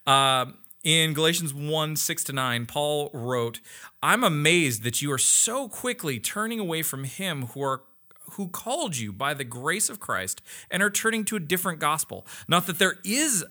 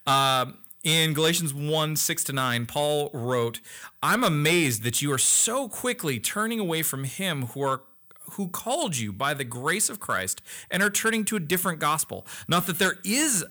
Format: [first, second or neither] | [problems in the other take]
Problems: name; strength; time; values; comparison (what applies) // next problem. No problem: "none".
first | distortion; slight; 10 dB below the speech